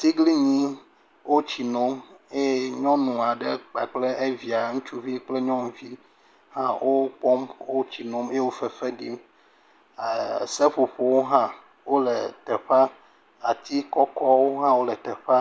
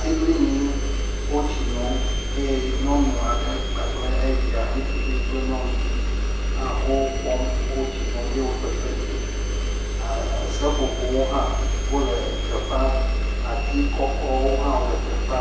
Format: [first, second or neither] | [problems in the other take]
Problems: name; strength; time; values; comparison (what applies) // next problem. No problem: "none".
first | background sound (Engine); 4 dB above the speech // room echo; dies away in 0.9 s